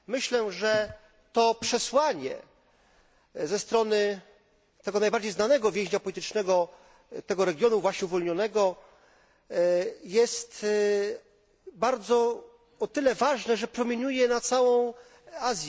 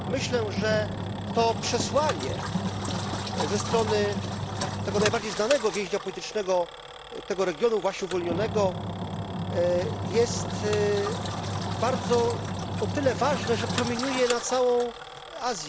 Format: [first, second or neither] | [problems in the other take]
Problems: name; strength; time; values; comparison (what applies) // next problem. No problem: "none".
first | background sound (Engine); 3 dB below the speech